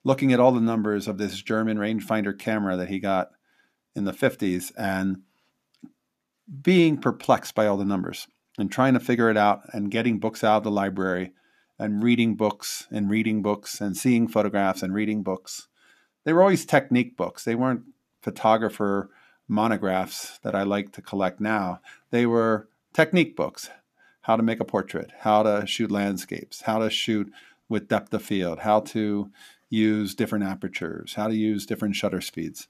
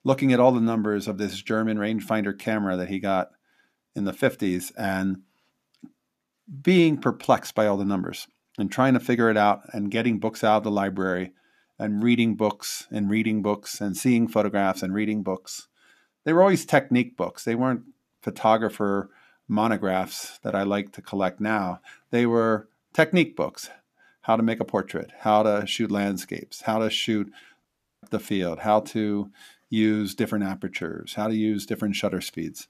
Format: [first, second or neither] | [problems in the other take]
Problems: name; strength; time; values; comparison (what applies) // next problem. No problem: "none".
first | audio cutting out; at 28 s